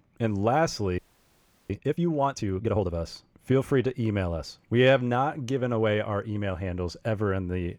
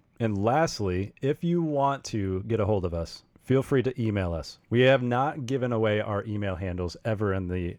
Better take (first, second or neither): second